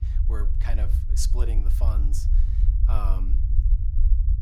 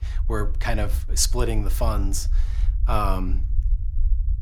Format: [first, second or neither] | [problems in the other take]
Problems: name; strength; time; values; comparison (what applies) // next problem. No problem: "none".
second | low rumble; loud; throughout; 6 dB below the speech; faint in the second